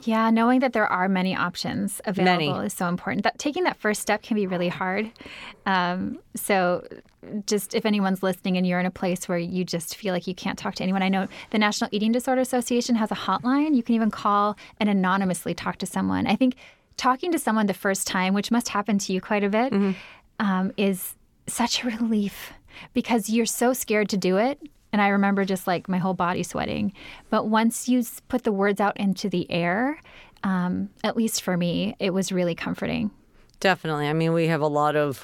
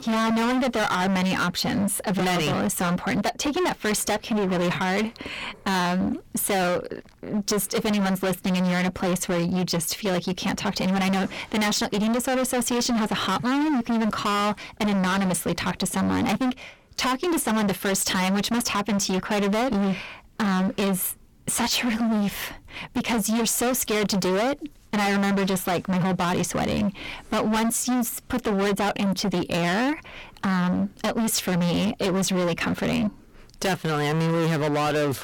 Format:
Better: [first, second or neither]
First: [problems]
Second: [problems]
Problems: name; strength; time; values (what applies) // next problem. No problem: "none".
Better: first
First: none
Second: distortion; heavy; 36% of the sound clipped